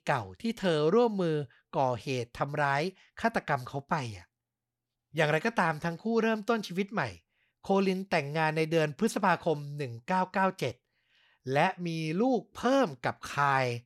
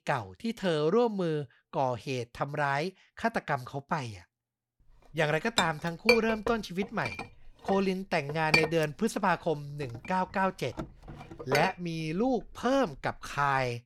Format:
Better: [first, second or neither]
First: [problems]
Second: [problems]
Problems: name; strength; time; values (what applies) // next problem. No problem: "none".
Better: first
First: none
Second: clattering dishes; loud; from 5.5 to 12 s; peak 5 dB above the speech